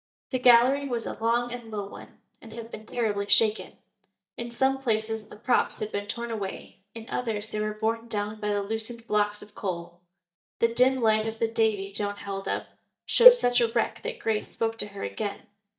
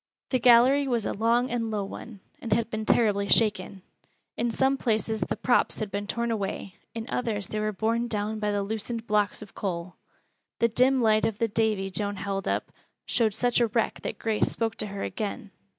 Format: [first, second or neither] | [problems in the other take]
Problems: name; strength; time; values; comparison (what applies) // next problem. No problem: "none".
second | noise reduction (neural mask model DeepFilterNet 3)